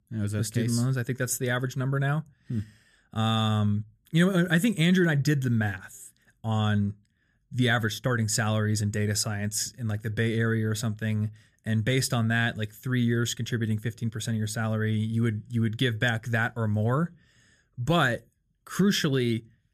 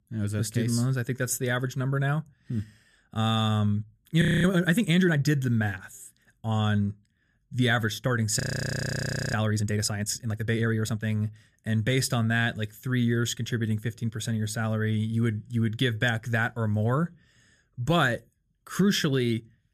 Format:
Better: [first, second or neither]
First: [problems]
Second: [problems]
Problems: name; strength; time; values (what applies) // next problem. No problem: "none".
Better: first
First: none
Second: audio freezing; at 4 s and at 8.5 s for 1 s